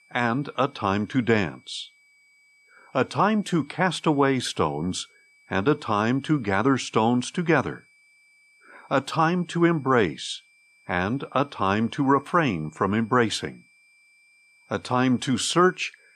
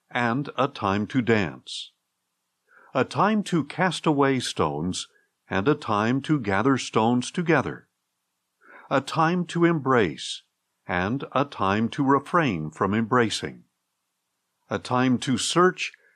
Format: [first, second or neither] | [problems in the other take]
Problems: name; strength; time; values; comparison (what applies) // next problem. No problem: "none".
second | high-pitched whine; faint; throughout; 2.5 kHz, 30 dB below the speech